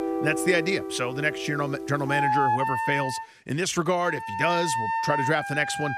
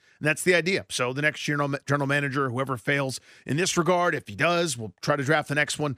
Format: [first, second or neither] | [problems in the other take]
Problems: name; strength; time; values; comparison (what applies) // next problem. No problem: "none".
second | background music; loud; throughout; 2 dB below the speech